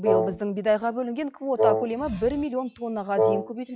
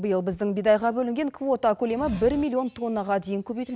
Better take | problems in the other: second | noise reduction (classical method log-MMSE)

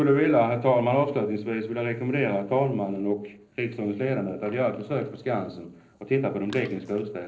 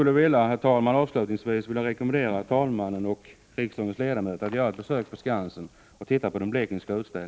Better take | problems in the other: second | noise reduction (neural separator model SepFormer DNS4)

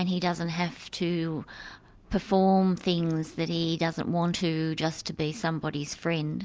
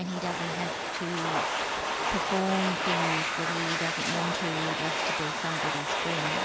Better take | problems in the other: first | background sound (Domestic sounds, home sounds); 4 dB above the speech

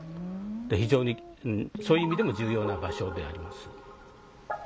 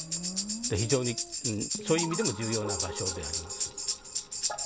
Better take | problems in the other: first | background sound (Tambourine); 1 dB below the speech

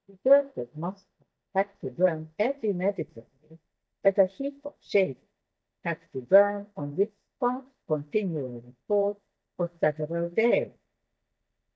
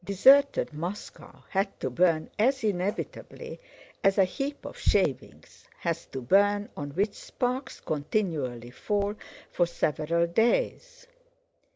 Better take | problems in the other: second | noise reduction (neural mask model DeepFilterNet 3)

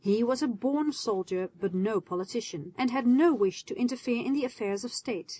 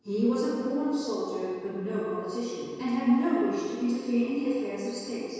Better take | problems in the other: first | room echo; dies away in 1.9 s

